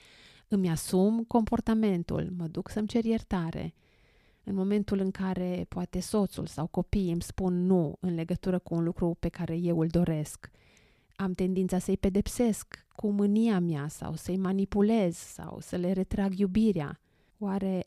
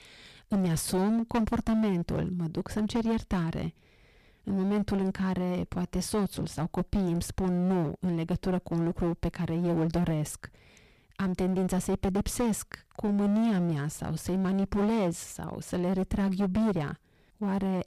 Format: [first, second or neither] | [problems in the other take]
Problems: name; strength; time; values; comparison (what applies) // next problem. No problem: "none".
first | distortion; heavy; 15% of the sound clipped